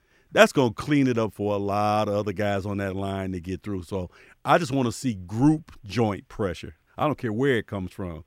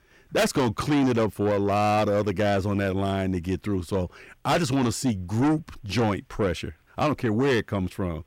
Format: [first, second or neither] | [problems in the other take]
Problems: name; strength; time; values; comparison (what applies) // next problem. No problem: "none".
first | distortion; heavy; 6 dB below the speech